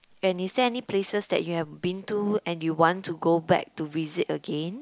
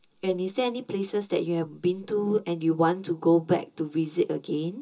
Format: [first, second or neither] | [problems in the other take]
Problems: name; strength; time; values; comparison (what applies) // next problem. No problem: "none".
first | room echo; dies away in 0.2 s